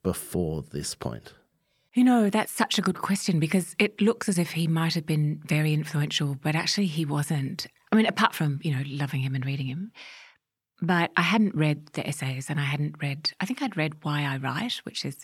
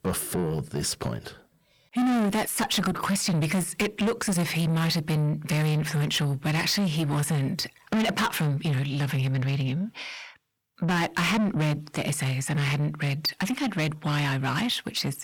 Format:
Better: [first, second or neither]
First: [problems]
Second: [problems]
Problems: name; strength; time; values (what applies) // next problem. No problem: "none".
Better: first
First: none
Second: distortion; heavy; 7 dB below the speech